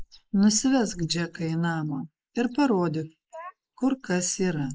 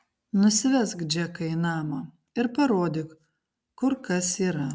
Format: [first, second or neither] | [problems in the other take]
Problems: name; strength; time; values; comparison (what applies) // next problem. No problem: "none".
second | noise reduction (neural mask model Resemble Enhance denoiser)